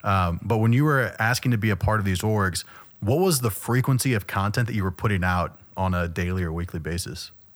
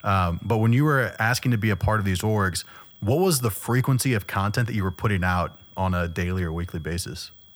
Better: first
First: none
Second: high-pitched whine; faint; throughout; 3.5 kHz, 30 dB below the speech

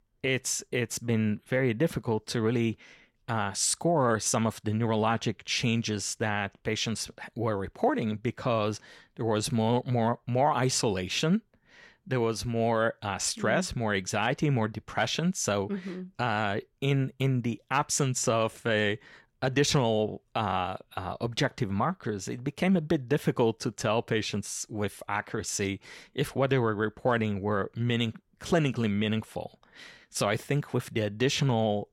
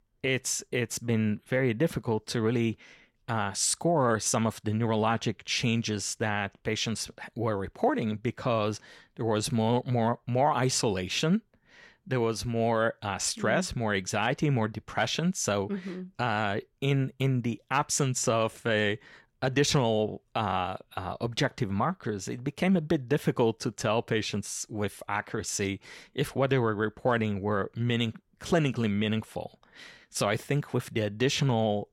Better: neither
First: none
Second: none

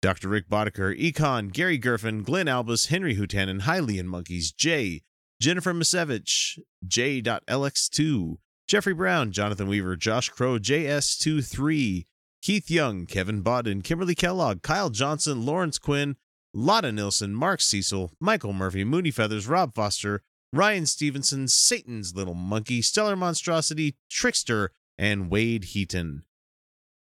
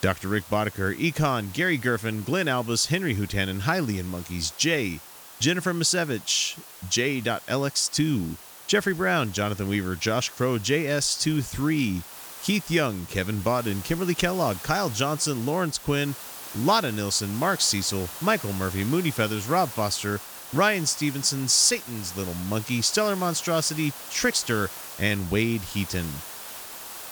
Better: first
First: none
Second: hiss; noticeable; throughout; 15 dB below the speech

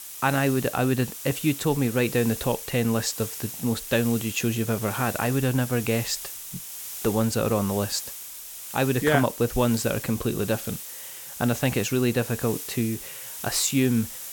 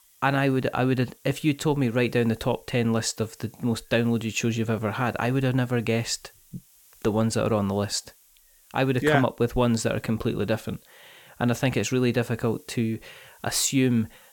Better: second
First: hiss; loud; throughout; 9 dB below the speech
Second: hiss; faint; throughout; 30 dB below the speech

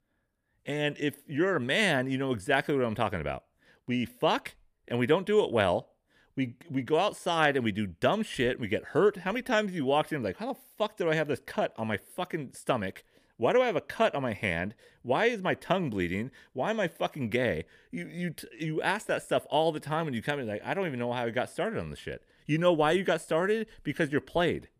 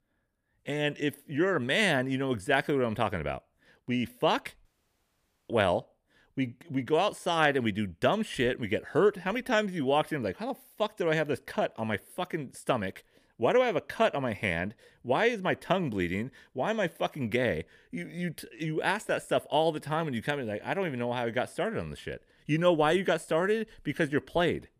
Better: first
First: none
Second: audio cutting out; at 4.5 s for 1 s

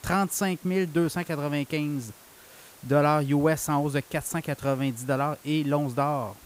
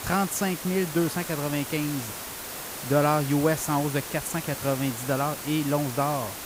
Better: first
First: hiss; faint; throughout; 25 dB below the speech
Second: hiss; loud; throughout; 7 dB below the speech

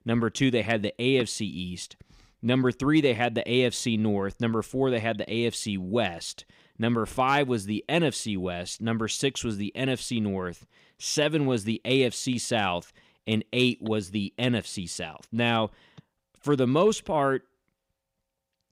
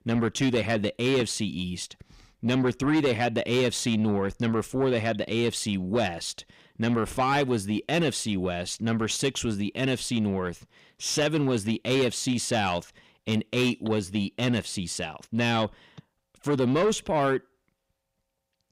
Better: first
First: none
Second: distortion; slight; 10 dB below the speech

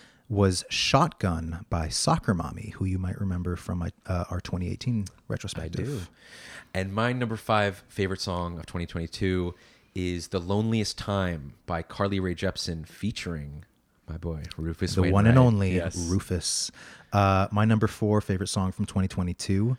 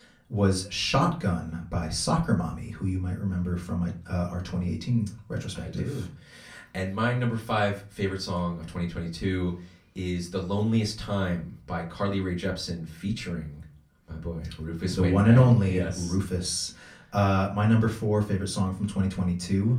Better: first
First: none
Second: off-mic speech; far // room echo; very slight; dies away in 0.3 s

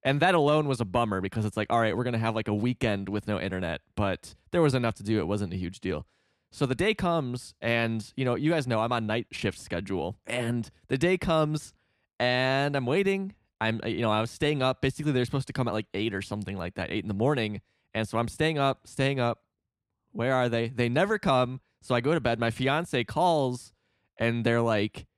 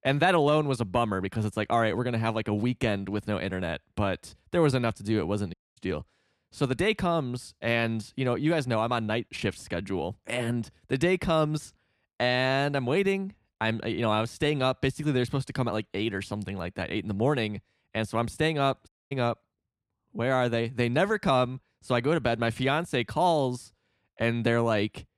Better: first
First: none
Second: audio cutting out; at 5.5 s and at 19 s

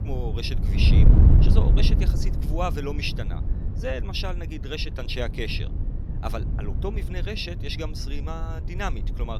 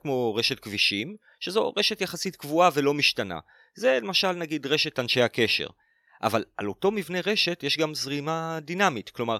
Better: second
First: wind noise on the microphone; heavy; 6 dB below the speech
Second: none

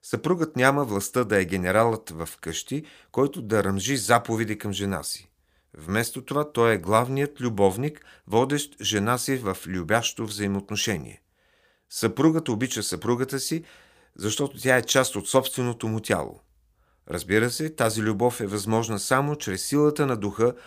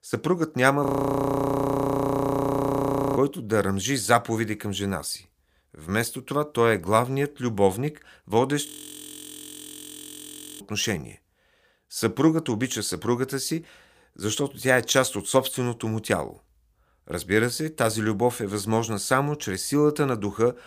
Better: first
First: none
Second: audio freezing; at 1 s for 2.5 s and at 8.5 s for 2 s

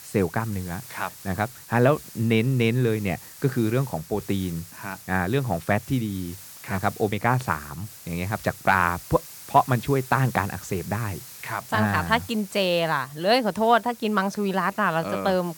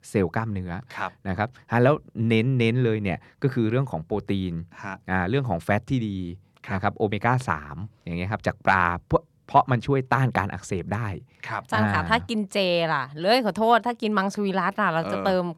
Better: second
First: hiss; noticeable; throughout; 15 dB below the speech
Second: none

